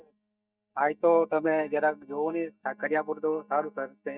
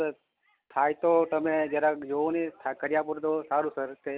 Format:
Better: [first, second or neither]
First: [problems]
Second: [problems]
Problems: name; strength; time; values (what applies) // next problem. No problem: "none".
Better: second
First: noise reduction (neural mask model DeepFilterNet 3)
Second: none